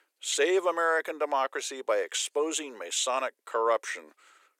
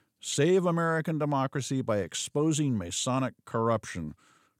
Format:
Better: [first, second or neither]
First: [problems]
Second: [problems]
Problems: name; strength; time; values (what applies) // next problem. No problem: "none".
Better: second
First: thin; very; fading below 400 Hz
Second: none